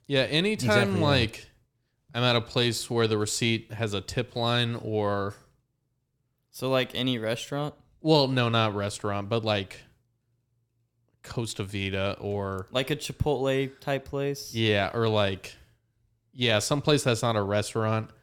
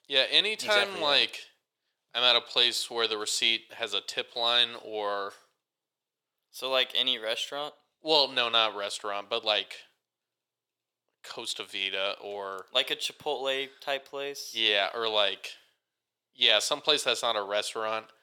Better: first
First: none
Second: thin; very; fading below 600 Hz

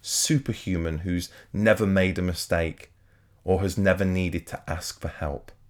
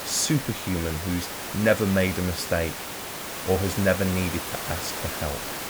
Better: first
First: none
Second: hiss; loud; throughout; 5 dB below the speech

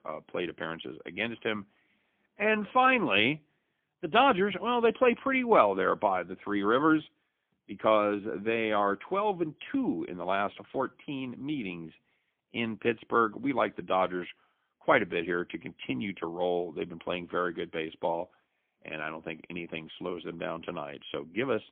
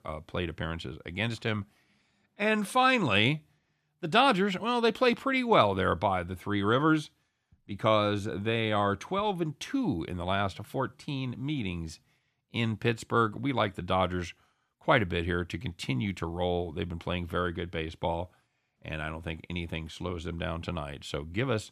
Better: second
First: phone-call audio; poor line; nothing above 3.5 kHz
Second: none

